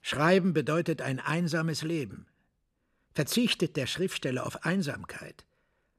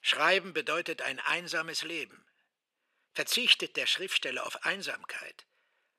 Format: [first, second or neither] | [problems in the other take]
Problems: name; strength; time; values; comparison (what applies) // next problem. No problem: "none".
first | thin; very; fading below 550 Hz